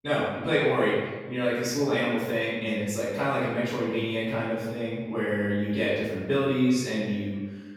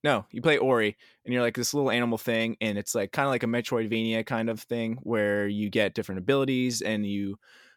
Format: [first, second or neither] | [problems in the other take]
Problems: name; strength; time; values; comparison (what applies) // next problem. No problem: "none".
second | room echo; strong; dies away in 1.2 s // off-mic speech; far